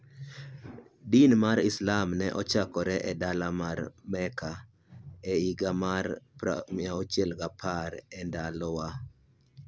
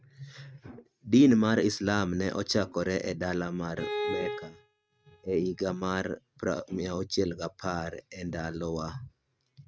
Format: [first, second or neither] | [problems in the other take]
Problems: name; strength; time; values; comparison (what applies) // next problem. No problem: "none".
first | noise reduction (neural mask model RNNoise)